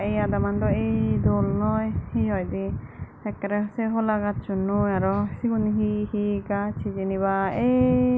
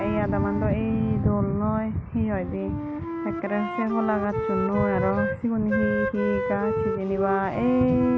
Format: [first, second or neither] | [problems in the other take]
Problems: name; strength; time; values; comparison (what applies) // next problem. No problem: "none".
first | background sound (Wind instrument, woodwind instrument); 6 dB below the speech